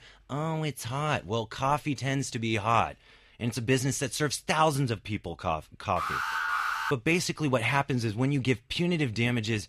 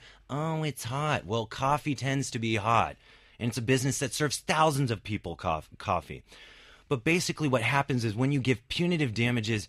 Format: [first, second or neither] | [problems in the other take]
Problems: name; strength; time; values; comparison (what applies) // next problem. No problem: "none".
second | alarm; loud; at 6 s; peak level with the speech